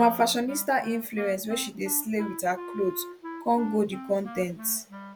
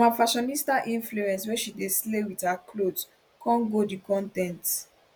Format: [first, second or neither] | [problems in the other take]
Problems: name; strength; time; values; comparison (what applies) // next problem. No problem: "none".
second | background sound (Wind instrument, woodwind instrument); 13 dB below the speech